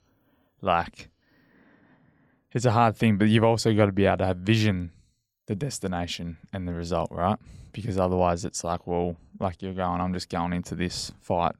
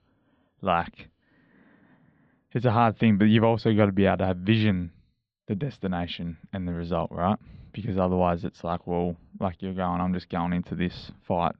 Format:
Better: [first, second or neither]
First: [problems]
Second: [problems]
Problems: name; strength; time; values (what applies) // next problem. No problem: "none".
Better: first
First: none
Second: muffled; slightly; fading above 4 kHz